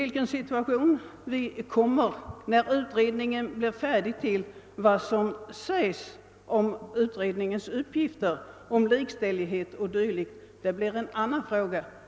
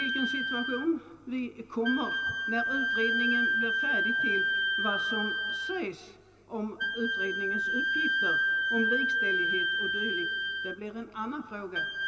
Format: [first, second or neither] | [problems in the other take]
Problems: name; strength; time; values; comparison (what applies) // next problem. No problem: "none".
first | background sound (Wind instrument, woodwind instrument); 5 dB above the speech // room echo; dies away in 2.7 s